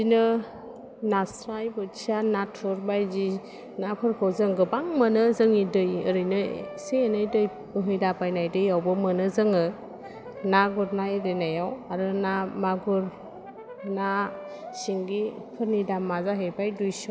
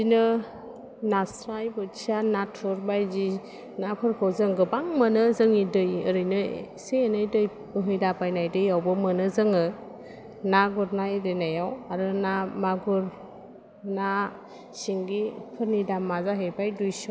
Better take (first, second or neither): second